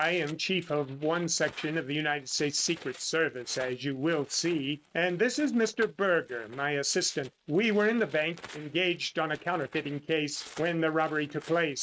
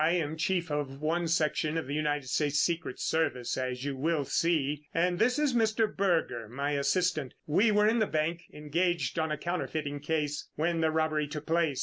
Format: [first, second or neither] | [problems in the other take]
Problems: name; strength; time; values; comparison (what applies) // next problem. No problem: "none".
second | noise reduction (neural mask model RNNoise)